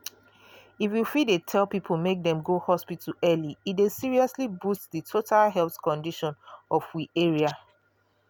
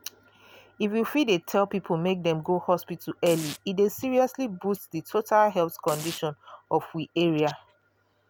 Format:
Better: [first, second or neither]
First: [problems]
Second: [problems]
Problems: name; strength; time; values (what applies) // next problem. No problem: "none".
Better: first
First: none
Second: background sound (Domestic sounds, home sounds); 15 dB below the speech